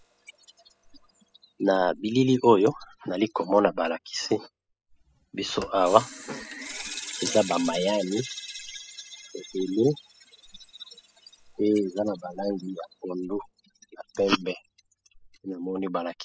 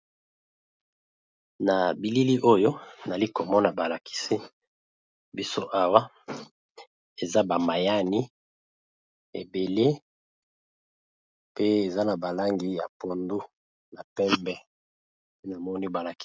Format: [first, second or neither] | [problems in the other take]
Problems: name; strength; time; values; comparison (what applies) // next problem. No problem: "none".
second | noise reduction (classical method spectral subtraction)